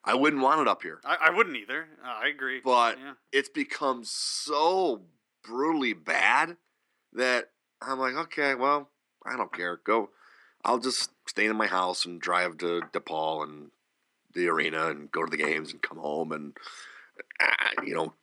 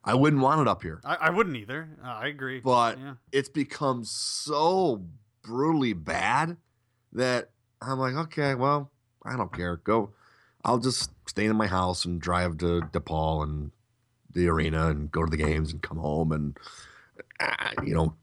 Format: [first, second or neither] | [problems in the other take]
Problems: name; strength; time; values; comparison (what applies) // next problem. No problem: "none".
second | thin; somewhat; fading below 250 Hz